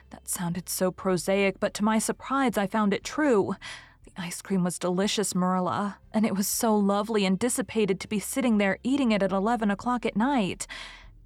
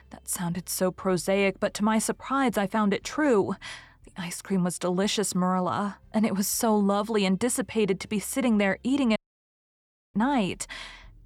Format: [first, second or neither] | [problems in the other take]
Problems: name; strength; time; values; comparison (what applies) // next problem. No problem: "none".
first | audio cutting out; at 9 s for 1 s